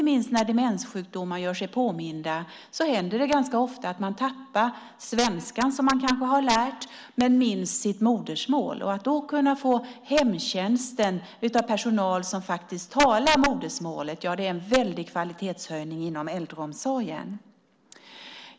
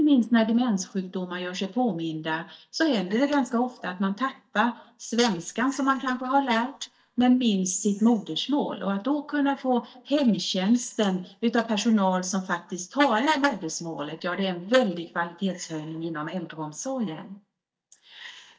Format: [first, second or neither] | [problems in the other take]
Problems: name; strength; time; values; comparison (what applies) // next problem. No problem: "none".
first | noise reduction (neural mask model DeepFilterNet 3)